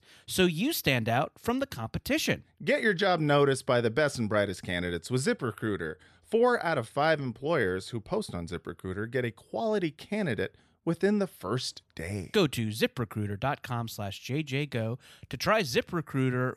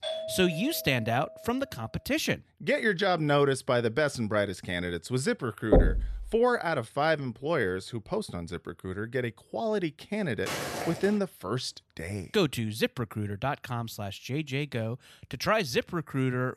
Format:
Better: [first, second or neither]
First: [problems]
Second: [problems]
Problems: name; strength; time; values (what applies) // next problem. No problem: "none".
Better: first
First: none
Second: doorbell; noticeable; until 1.5 s; peak 5 dB below the speech // door banging; loud; at 5.5 s; peak 6 dB above the speech // footsteps; noticeable; at 10 s; peak 3 dB below the speech